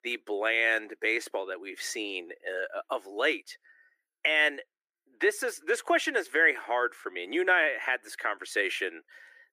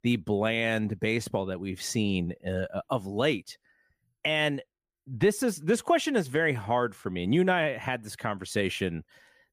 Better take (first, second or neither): second